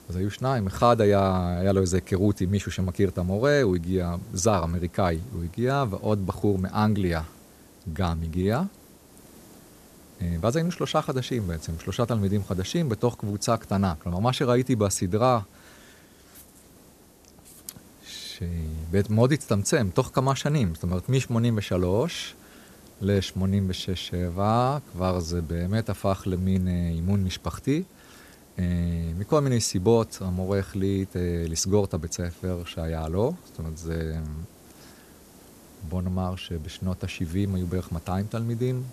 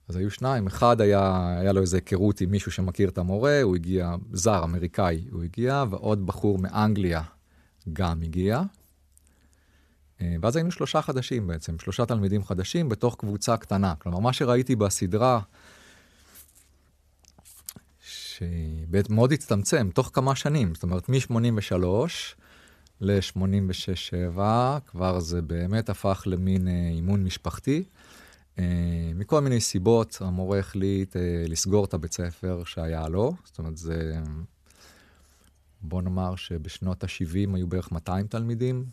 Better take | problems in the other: second | hiss; faint; throughout; 25 dB below the speech

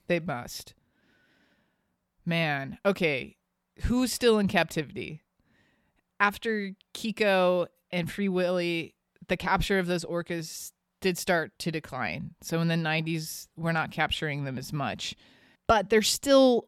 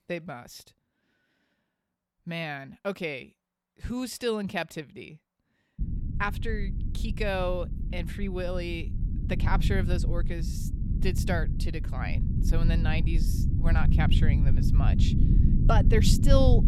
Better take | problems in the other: first | low rumble; loud; from 6 s on; 7 dB below the speech

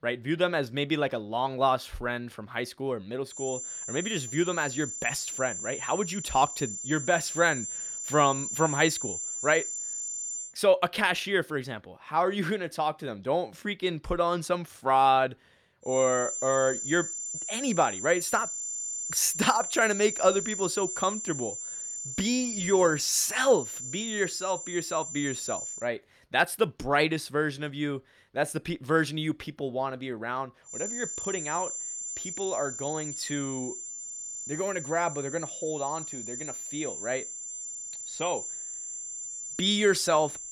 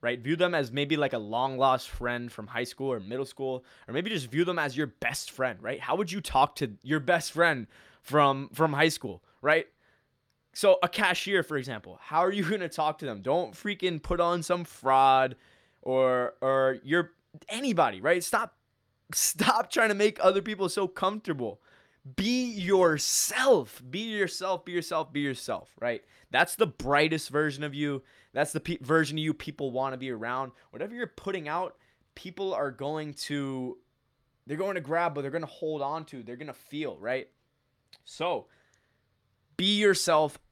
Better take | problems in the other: second | high-pitched whine; loud; from 3.5 to 10 s, from 16 to 26 s and from 31 s on; 7 kHz, 5 dB below the speech

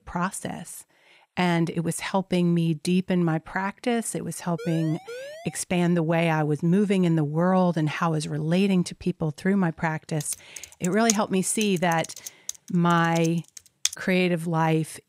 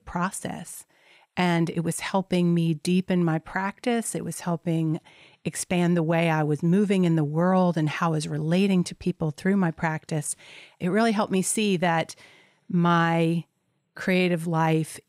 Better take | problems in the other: second | siren; faint; at 4.5 s; peak 15 dB below the speech // keyboard typing; noticeable; from 10 to 14 s; peak 3 dB below the speech

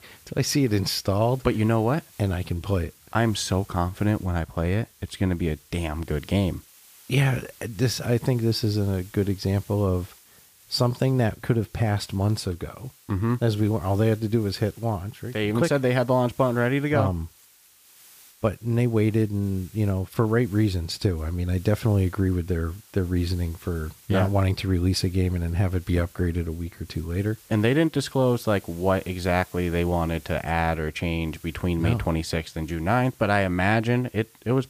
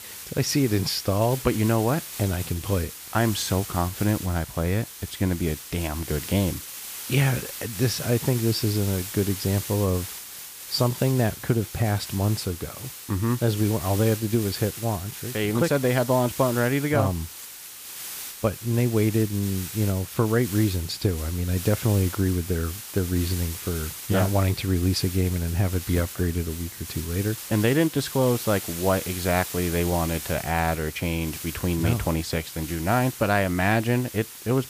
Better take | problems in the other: first | hiss; loud; throughout; 9 dB below the speech; faint in the first

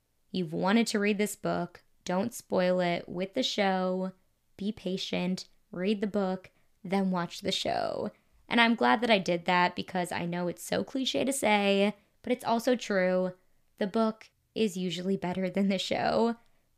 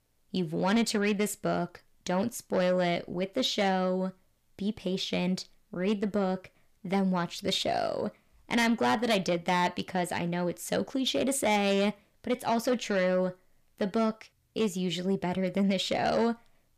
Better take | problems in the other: first | distortion; slight; 10 dB below the speech

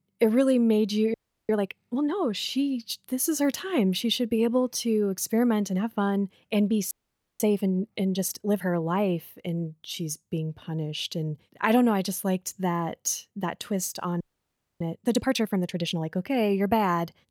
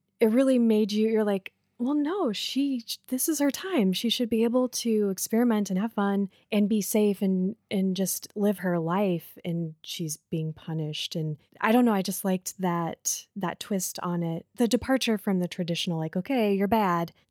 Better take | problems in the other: second | audio freezing; at 1 s, at 7 s and at 14 s for 0.5 s

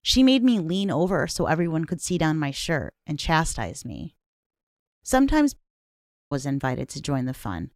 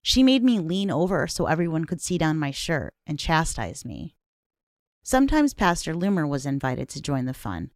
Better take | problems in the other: second | audio cutting out; at 5.5 s for 0.5 s

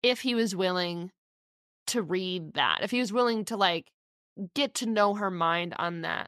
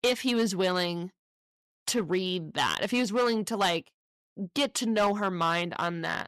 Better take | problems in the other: first | distortion; slight; 5% of the sound clipped

